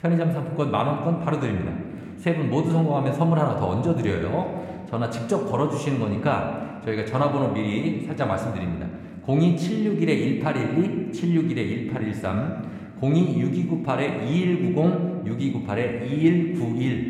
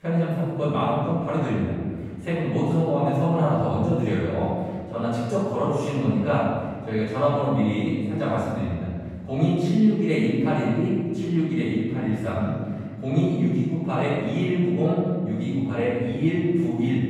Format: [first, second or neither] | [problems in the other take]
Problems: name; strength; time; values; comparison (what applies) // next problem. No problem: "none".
first | room echo; strong; dies away in 1.6 s; slight in the first // off-mic speech; far